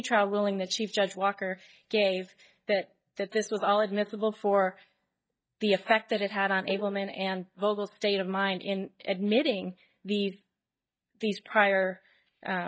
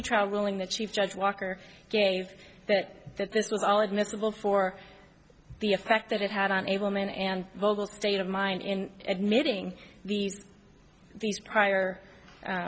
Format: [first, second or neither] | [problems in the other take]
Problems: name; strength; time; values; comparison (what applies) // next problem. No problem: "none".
second | noise reduction (neural mask model DeepFilterNet 3)